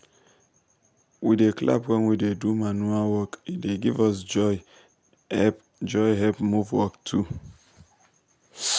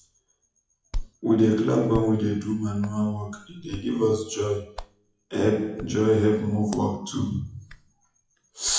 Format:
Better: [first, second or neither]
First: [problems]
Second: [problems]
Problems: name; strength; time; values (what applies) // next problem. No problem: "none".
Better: first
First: none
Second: noise reduction (classical method WPE with log-MMSE)